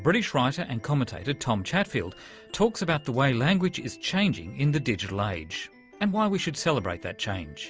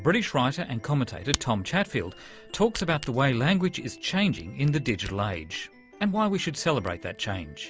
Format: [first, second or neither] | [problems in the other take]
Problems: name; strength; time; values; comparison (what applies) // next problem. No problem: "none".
first | background sound (Camera); 17 dB below the speech